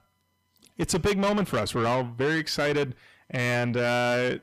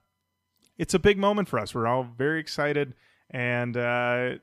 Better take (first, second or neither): second